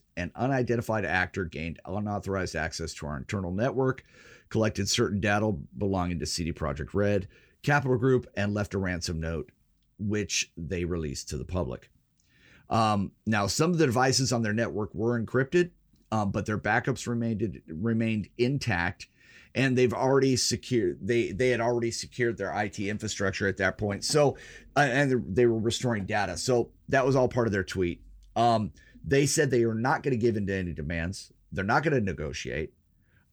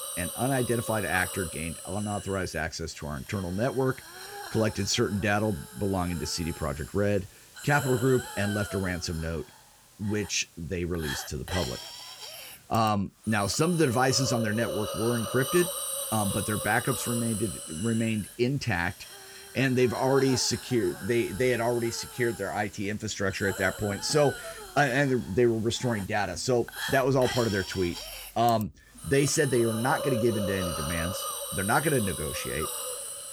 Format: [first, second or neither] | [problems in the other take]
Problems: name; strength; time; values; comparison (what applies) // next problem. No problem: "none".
first | hiss; loud; throughout; 8 dB below the speech